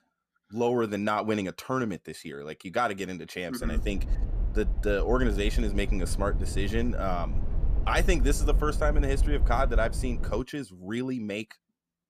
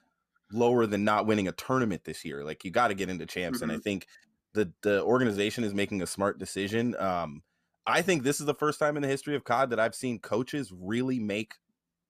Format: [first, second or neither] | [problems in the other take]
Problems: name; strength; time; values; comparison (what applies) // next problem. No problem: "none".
second | low rumble; noticeable; from 3.5 to 10 s; 15 dB below the speech